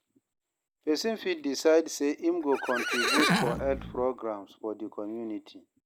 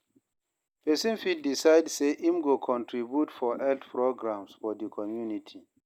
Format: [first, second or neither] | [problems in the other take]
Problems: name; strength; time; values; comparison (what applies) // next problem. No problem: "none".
second | background sound (Livestock, farm animals, working animals); 1 dB above the speech